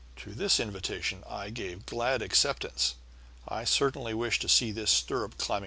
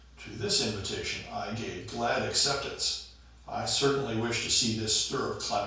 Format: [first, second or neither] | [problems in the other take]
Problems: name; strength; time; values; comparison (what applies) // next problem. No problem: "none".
first | room echo; dies away in 0.5 s